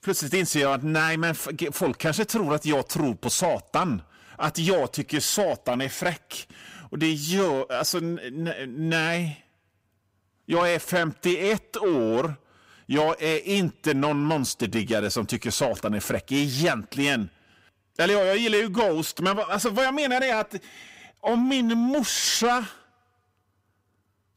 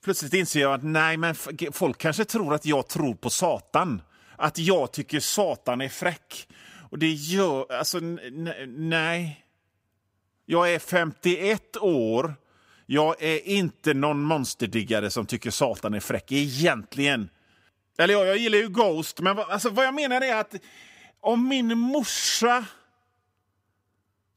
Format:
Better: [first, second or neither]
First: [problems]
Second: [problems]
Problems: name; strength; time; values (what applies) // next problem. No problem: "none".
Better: second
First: distortion; slight; 10 dB below the speech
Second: none